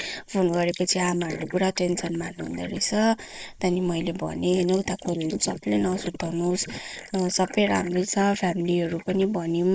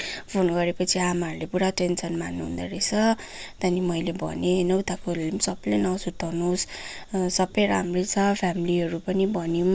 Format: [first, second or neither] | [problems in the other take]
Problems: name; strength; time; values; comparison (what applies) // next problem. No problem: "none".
second | noise reduction (neural mask model Resemble Enhance denoiser)